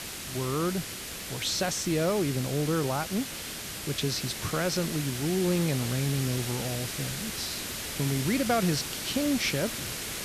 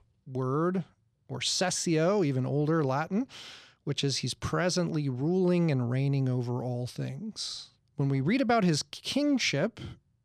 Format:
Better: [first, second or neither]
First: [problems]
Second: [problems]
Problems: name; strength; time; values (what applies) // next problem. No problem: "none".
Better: second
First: hiss; loud; throughout; 4 dB below the speech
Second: none